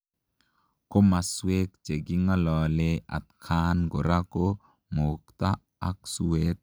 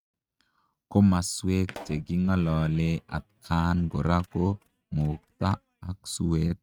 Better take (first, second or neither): first